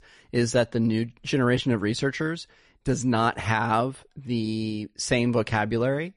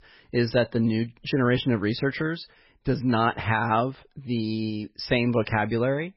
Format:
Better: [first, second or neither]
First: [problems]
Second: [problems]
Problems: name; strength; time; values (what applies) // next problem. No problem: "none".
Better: first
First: garbled, watery; slightly; nothing above 10.5 kHz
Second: garbled, watery; badly; nothing above 5.5 kHz